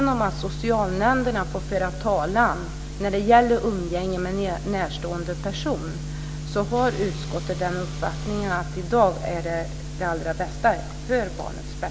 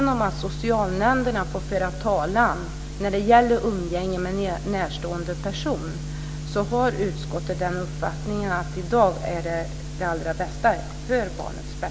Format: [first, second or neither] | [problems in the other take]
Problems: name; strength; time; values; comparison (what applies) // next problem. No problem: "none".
second | background sound (Engine / Car); 18 dB below the speech